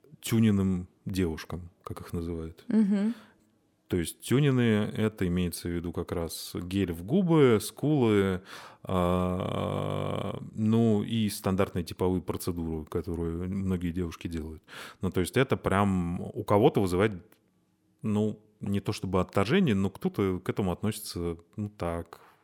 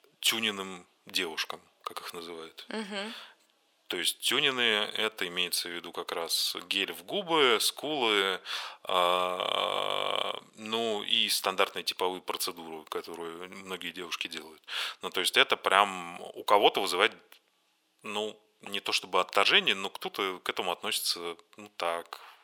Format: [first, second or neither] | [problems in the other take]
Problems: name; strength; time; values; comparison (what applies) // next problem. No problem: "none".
first | thin; very; fading below 750 Hz